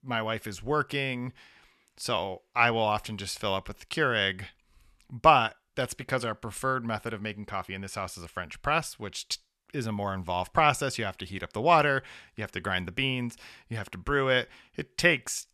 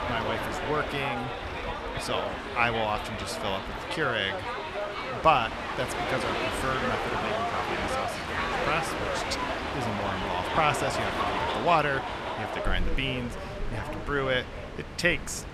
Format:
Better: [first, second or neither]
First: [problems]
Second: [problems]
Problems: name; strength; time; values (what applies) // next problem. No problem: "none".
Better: first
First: none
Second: train or aircraft noise; loud; throughout; 1 dB below the speech